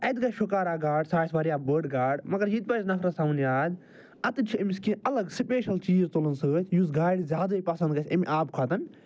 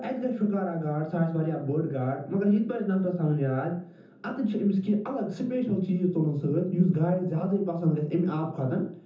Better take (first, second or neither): first